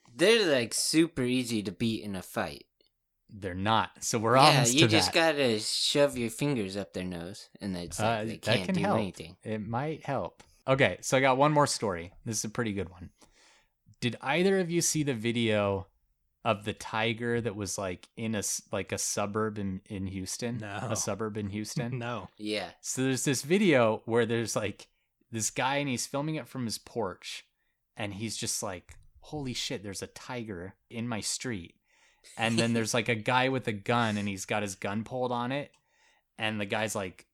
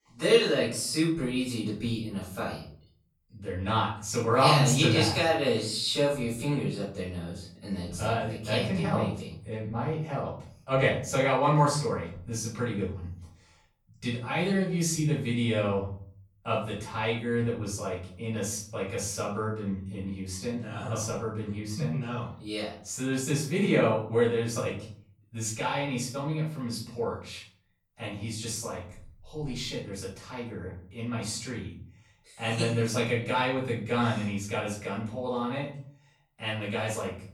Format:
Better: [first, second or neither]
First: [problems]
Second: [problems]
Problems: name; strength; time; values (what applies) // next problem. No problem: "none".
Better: first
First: none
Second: off-mic speech; far // room echo; noticeable; dies away in 0.6 s